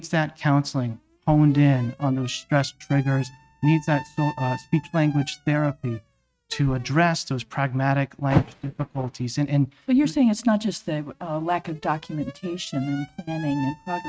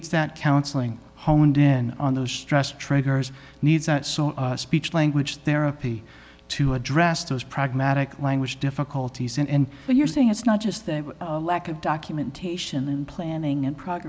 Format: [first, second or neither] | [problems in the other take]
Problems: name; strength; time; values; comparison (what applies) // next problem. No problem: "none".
second | noise reduction (neural mask model RNNoise)